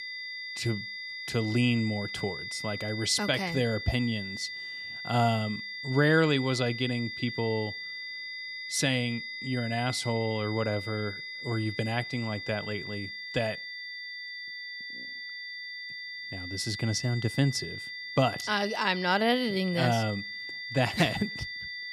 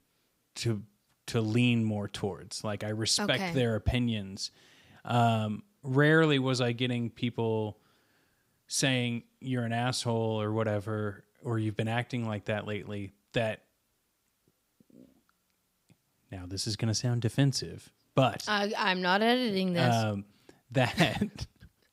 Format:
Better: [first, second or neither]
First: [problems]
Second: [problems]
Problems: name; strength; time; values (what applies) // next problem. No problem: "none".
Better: second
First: high-pitched whine; loud; throughout; 2 kHz, 7 dB below the speech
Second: none